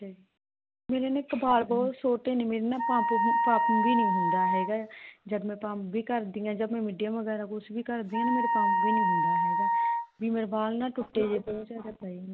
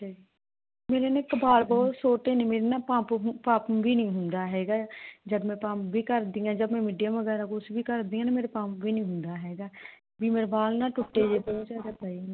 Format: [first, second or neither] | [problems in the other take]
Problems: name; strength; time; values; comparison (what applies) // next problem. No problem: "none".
second | background sound (Wind instrument, woodwind instrument); 2 dB above the speech